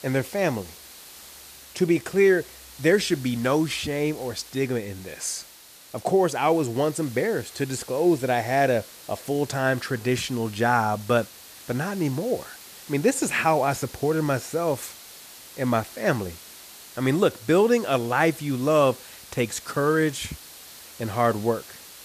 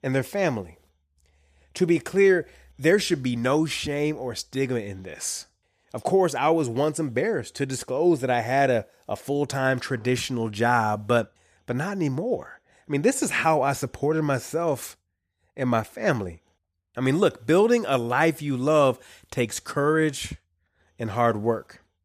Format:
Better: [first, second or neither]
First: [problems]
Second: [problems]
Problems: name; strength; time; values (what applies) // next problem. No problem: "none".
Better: second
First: hiss; noticeable; throughout; 20 dB below the speech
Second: none